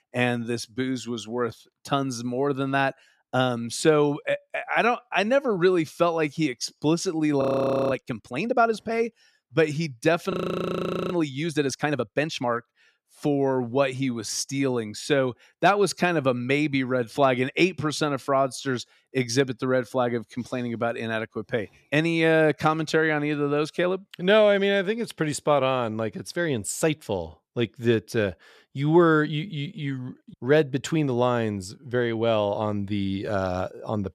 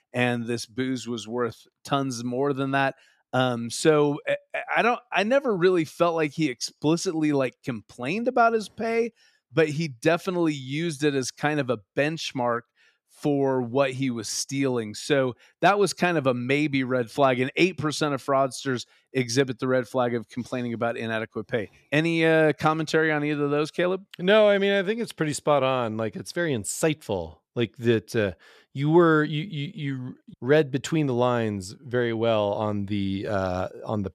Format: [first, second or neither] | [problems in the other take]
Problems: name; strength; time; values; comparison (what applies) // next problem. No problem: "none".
second | audio freezing; at 7.5 s and at 10 s for 1 s